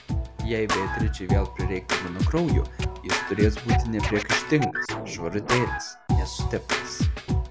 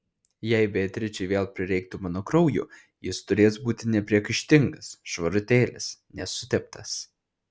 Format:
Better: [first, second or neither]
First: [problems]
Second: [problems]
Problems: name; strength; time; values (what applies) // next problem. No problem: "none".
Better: second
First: background sound (Scratching (performance technique)); 3 dB above the speech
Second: none